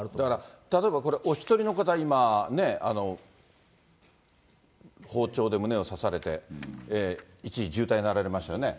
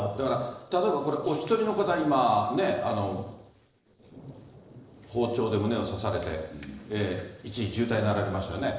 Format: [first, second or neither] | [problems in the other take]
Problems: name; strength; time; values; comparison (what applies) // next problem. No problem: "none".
first | noise reduction (neural separator model SepFormer DNS4)